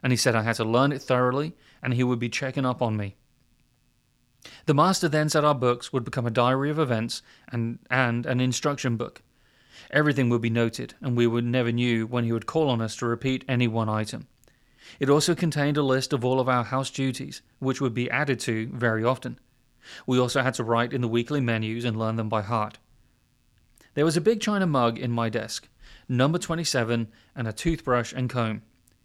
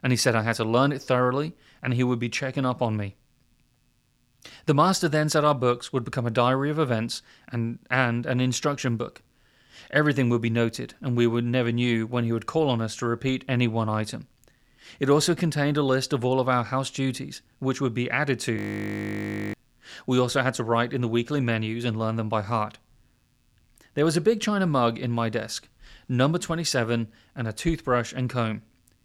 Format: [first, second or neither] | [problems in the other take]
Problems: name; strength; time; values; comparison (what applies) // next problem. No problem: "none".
first | audio freezing; at 19 s for 1 s